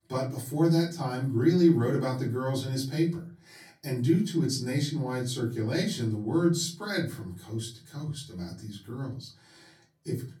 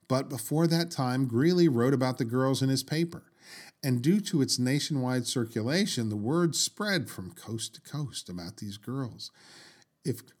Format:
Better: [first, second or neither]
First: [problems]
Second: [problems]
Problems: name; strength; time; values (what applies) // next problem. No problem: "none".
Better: second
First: off-mic speech; far // room echo; slight; dies away in 0.3 s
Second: none